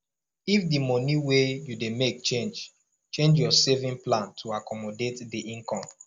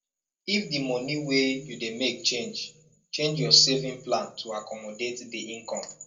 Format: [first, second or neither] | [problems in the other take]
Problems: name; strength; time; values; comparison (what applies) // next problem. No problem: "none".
first | room echo; dies away in 0.2 s